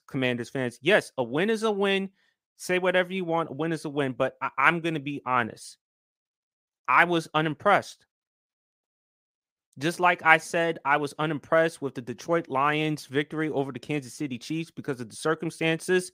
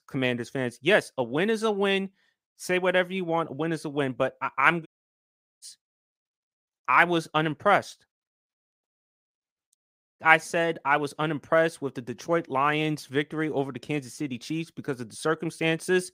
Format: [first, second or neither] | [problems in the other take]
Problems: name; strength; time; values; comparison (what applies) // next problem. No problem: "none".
first | audio cutting out; at 5 s for 1 s and at 10 s